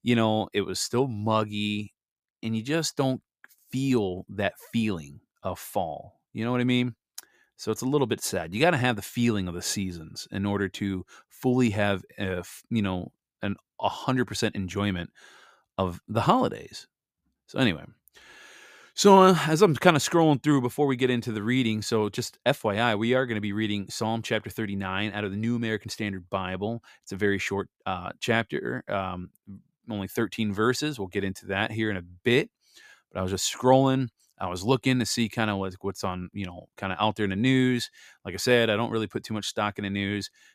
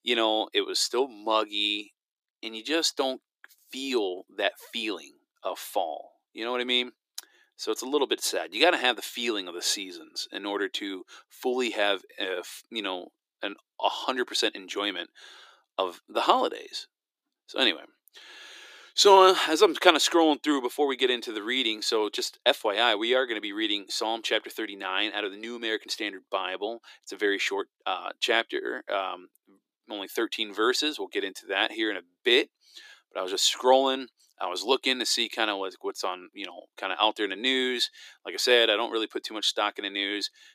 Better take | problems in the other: first | thin; somewhat; fading below 300 Hz

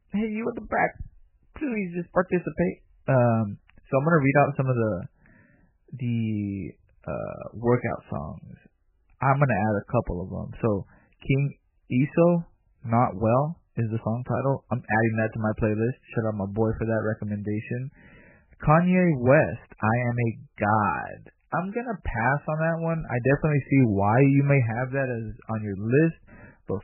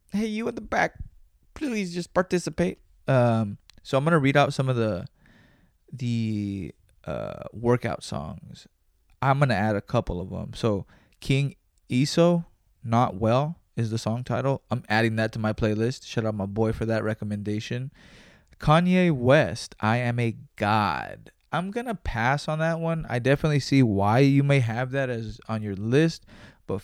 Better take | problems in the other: second | garbled, watery; badly; nothing above 2.5 kHz

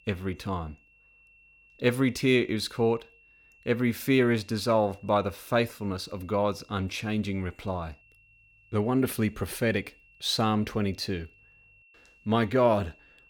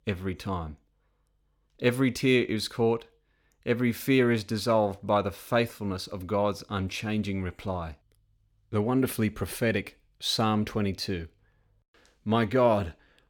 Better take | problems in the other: second | high-pitched whine; faint; throughout; 2.5 kHz, 30 dB below the speech

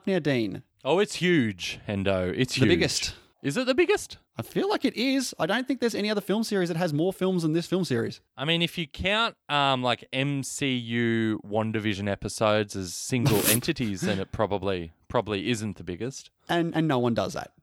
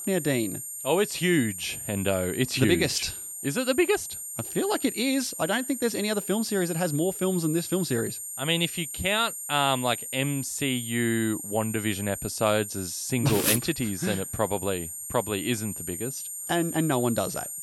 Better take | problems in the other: first | high-pitched whine; loud; throughout; 8.5 kHz, 7 dB below the speech

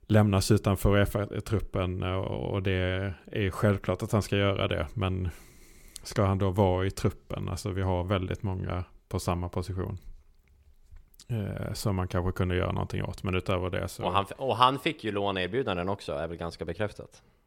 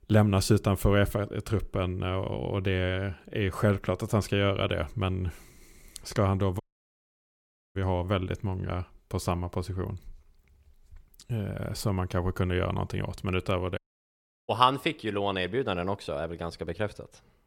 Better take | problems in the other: first | audio cutting out; at 6.5 s for 1 s and at 14 s for 0.5 s

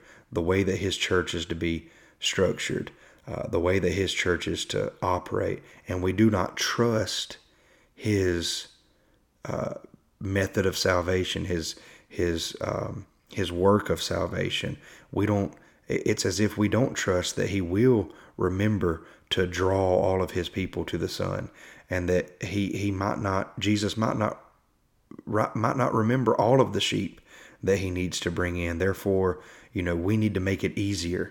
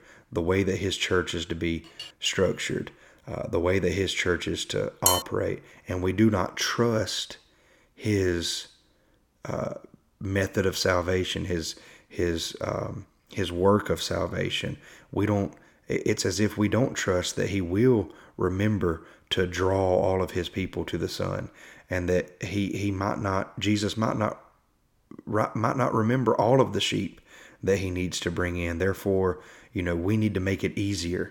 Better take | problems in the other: first | clattering dishes; faint; at 2 s; peak 15 dB below the speech // clattering dishes; loud; at 5 s; peak 4 dB above the speech

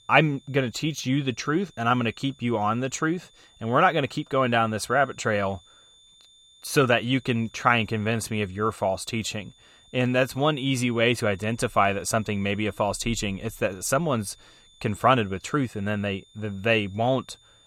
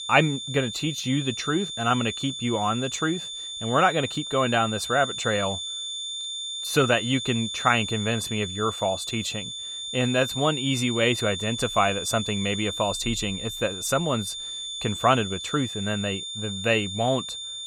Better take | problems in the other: first | high-pitched whine; loud; throughout; 3.5 kHz, 6 dB below the speech; faint in the first

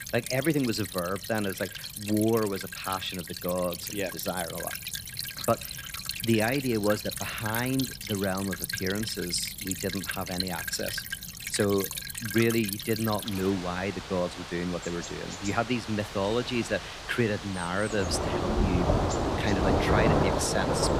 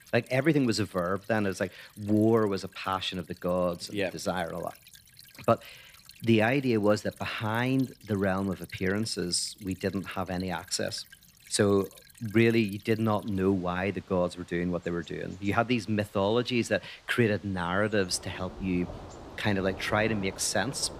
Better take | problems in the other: second | rain or running water; loud; throughout; 3 dB below the speech; faint in the second

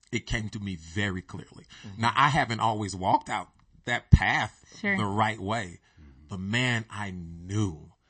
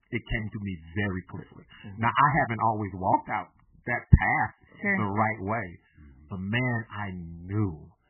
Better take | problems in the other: first | garbled, watery; badly; nothing above 3 kHz; slightly in the first

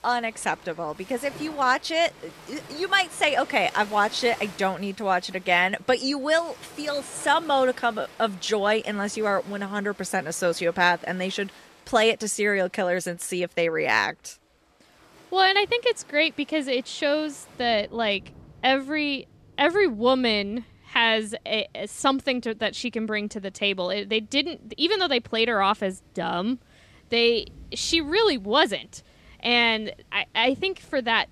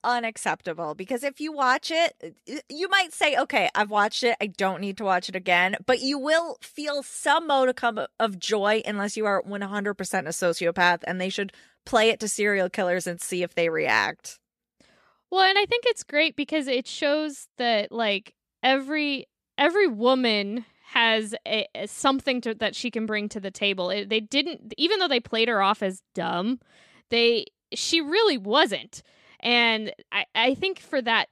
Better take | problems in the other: second | rain or running water; faint; throughout; 25 dB below the speech

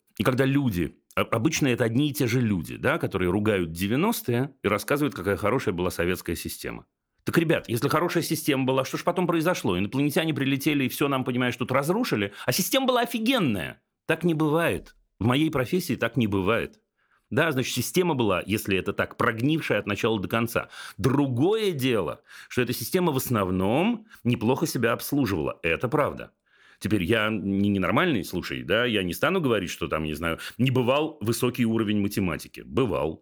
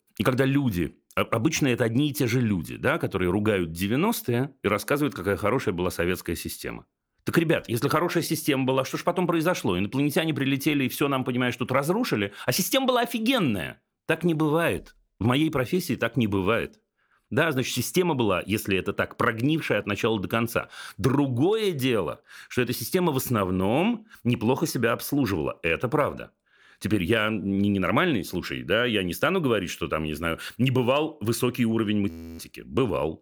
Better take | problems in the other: first | audio freezing; at 32 s

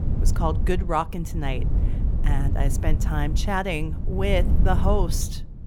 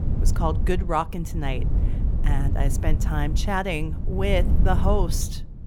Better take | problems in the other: neither | wind noise on the microphone; occasional gusts; 10 dB below the speech; the same in both

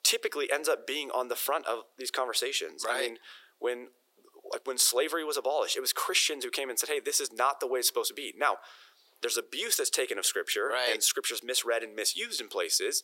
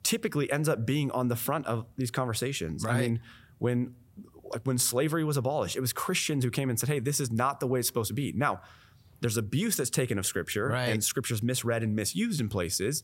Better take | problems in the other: second | thin; very; fading below 400 Hz

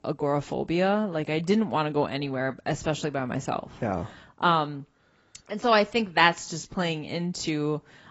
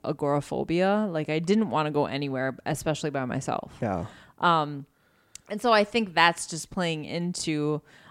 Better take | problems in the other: second | garbled, watery; badly; nothing above 7.5 kHz

